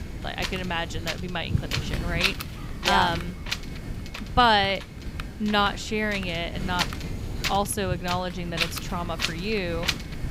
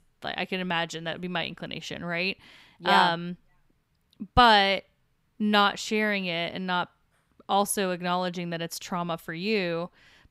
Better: second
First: wind noise on the microphone; heavy; 6 dB below the speech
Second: none

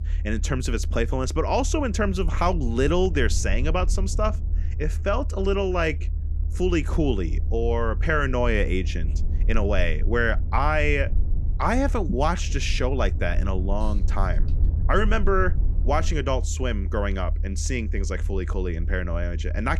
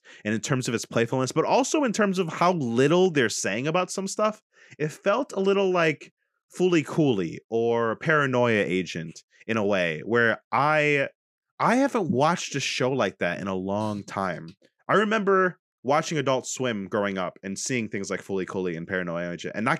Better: second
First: low rumble; noticeable; throughout; 20 dB below the speech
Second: none

